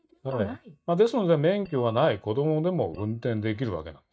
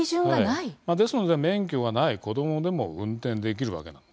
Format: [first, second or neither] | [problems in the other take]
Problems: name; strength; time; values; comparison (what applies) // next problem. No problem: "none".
second | noise reduction (neural mask model DeepFilterNet 3)